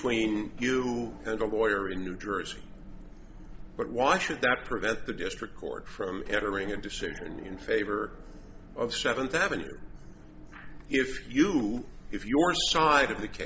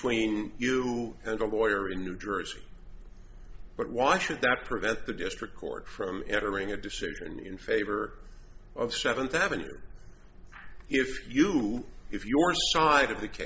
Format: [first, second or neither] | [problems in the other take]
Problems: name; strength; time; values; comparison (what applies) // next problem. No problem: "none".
second | background sound (Motor vehicle (road) / Engine); 20 dB below the speech